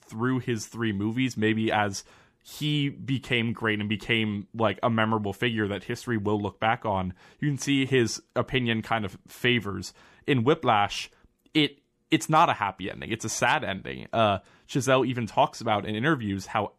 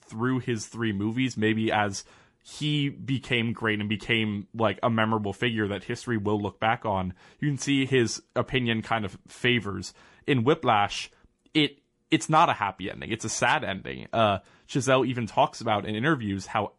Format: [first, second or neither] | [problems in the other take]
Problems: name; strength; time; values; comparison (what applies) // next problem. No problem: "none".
first | garbled, watery; slightly; nothing above 11 kHz